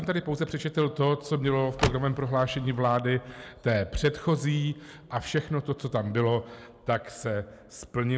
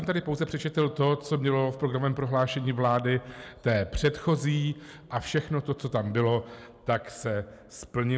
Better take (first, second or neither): second